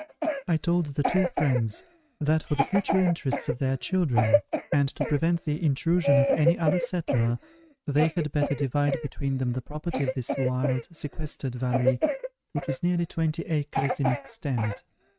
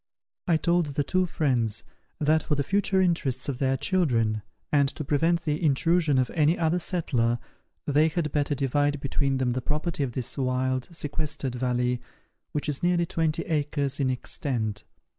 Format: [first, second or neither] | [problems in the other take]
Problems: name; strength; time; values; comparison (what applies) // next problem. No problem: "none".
second | noise reduction (neural mask model RNNoise)